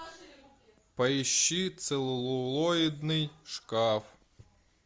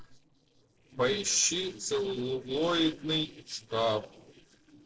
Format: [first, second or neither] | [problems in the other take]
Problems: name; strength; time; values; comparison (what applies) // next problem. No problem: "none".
first | noise reduction (neural separator model SepFormer DNS4)